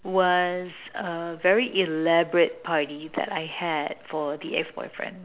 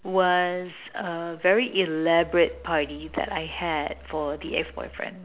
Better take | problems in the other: first | background sound (Engine); 20 dB below the speech

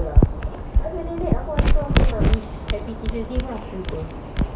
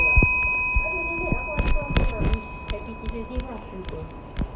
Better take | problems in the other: first | background sound (Clock); 3 dB below the speech

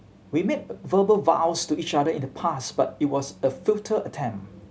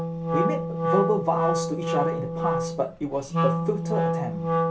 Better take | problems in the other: first | background sound (Wind instrument, woodwind instrument); 3 dB above the speech // room echo; dies away in 0.2 s

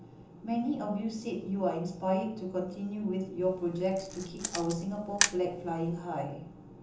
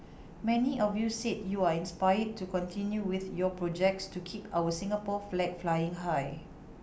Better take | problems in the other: second | background sound (Camera); 3 dB below the speech // room echo; dies away in 0.6 s

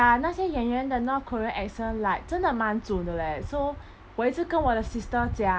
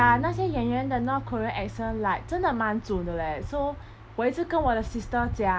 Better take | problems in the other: first | background sound (Bass guitar); 12 dB below the speech

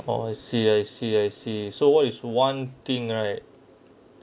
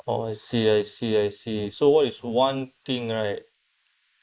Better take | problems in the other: first | noise reduction (neural mask model Resemble Enhance denoiser)

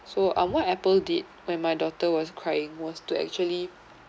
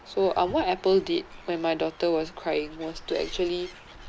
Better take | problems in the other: first | background sound (Animal); 18 dB below the speech

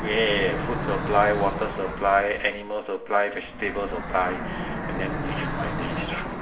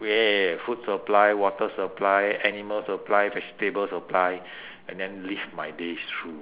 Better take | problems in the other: second | background sound (Fixed-wing aircraft, airplane); 5 dB below the speech // room echo; dies away in 0.5 s

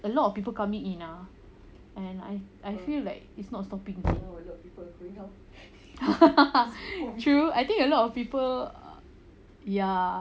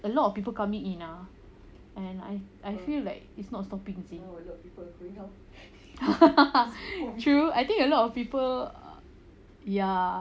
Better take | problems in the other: second | background sound (Knock); 11 dB below the speech

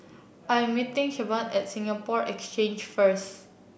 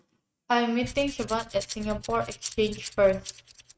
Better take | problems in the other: first | noise reduction (neural mask model RNNoise)

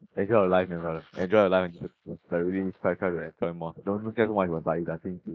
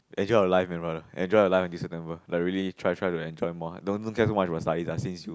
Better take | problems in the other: second | noise reduction (neural mask model Resemble Enhance denoiser)

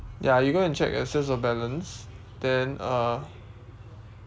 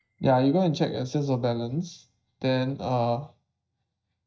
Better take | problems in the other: first | noise reduction (neural mask model DeepFilterNet 3)

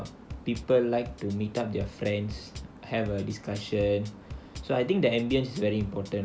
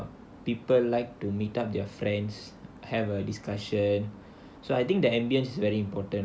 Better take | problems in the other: second | background sound (Bass drum / Drum kit); 15 dB below the speech

